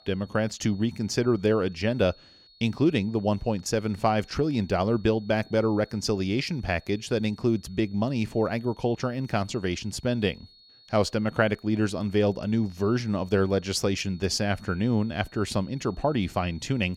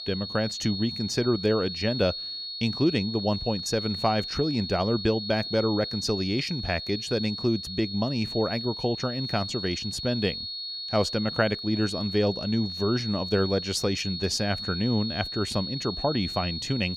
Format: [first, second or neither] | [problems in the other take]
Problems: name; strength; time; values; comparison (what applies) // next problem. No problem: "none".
first | high-pitched whine; loud; throughout; 4.5 kHz, 5 dB below the speech; faint in the first